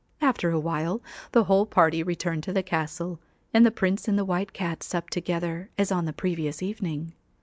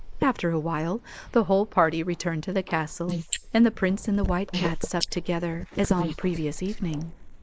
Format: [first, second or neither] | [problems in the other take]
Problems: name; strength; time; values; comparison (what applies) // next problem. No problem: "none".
first | noise reduction (neural mask model Resemble Enhance denoiser)